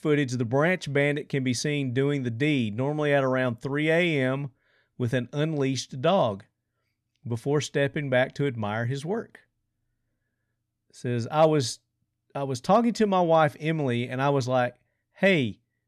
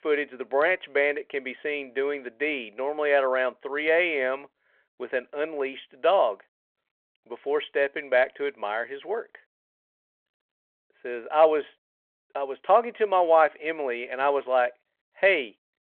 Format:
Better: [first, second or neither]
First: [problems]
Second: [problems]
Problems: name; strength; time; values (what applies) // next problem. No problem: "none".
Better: first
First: none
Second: phone-call audio